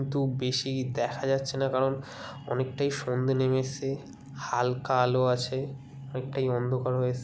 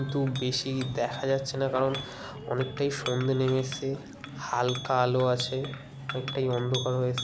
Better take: first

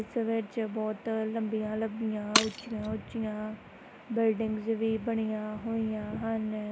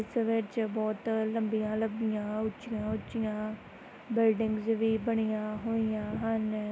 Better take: second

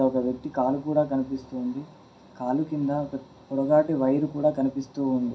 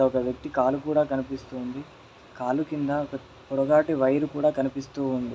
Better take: second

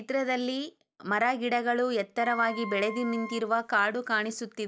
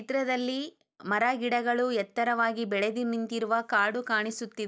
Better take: second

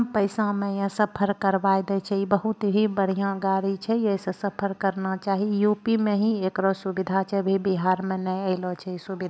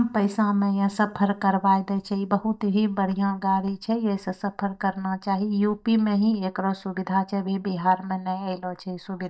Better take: first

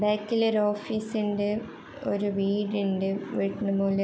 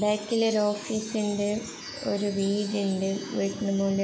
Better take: first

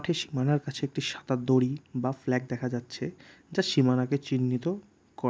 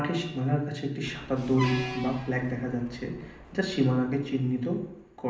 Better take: first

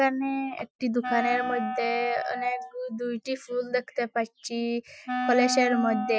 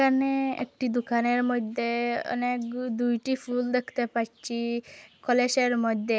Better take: second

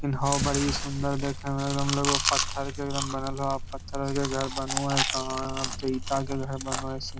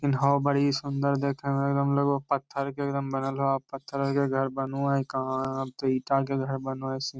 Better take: second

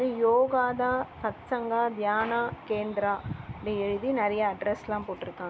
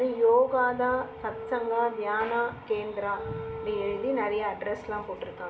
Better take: first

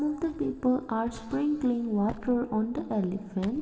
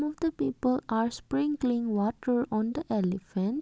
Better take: second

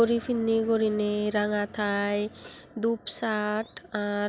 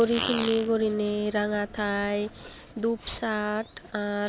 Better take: first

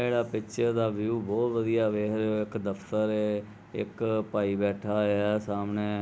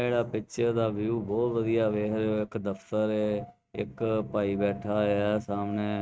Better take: first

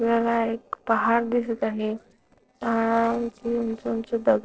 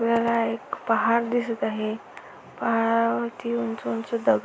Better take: second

